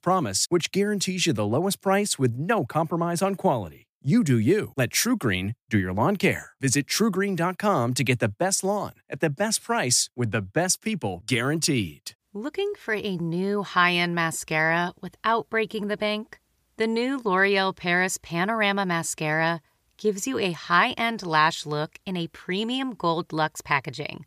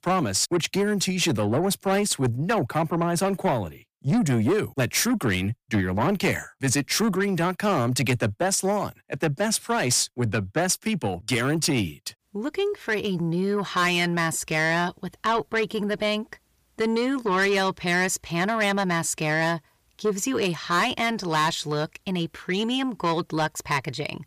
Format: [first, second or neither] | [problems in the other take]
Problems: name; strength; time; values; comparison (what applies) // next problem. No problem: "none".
first | distortion; slight; 10 dB below the speech